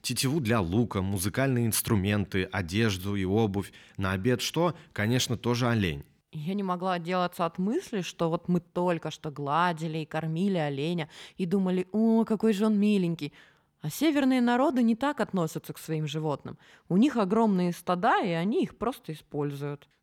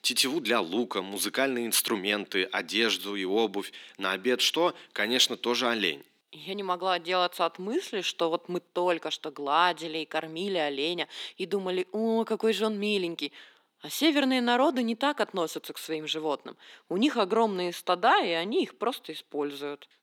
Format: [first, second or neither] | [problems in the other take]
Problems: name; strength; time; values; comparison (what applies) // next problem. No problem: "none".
first | thin; somewhat; fading below 300 Hz